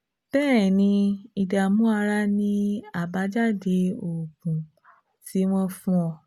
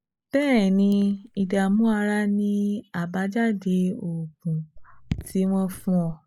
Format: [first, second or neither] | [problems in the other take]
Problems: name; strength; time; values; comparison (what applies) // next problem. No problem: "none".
first | noise reduction (neural mask model Resemble Enhance denoiser)